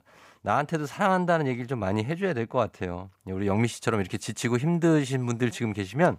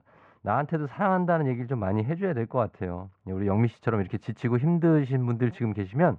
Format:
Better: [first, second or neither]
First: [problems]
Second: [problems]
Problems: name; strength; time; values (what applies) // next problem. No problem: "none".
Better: first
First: none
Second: muffled; very; fading above 1.5 kHz